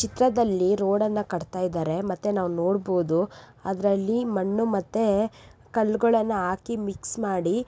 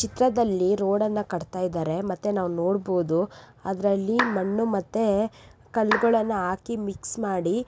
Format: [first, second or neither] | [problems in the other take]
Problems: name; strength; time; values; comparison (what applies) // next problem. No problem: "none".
first | background sound (Clapping); 6 dB below the speech